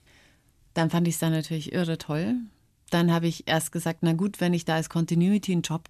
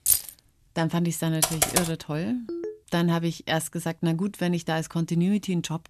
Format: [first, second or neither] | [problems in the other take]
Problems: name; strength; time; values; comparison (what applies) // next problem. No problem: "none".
first | jangling keys; loud; at the start; peak 5 dB above the speech // keyboard typing; loud; at 1.5 s; peak 5 dB above the speech // phone ringing; noticeable; at 2.5 s; peak 8 dB below the speech